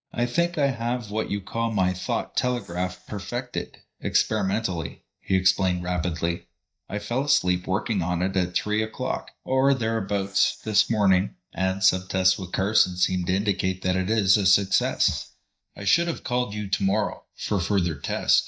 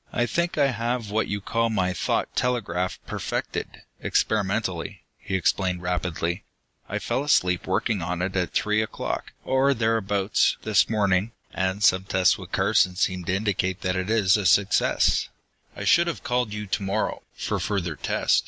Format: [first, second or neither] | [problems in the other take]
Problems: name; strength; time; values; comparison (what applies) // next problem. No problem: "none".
second | noise reduction (neural mask model DeepFilterNet 3)